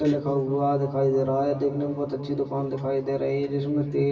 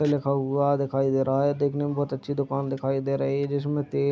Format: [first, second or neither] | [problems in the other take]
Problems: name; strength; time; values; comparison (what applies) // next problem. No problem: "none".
second | room echo; dies away in 2.4 s